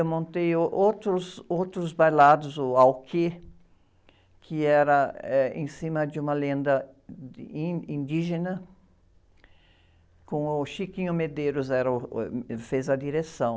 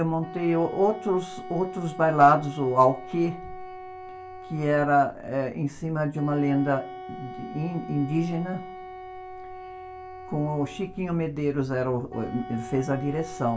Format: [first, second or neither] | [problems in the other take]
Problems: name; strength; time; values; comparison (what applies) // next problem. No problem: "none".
first | background sound (Wind instrument, woodwind instrument); 14 dB below the speech // room echo; dies away in 0.2 s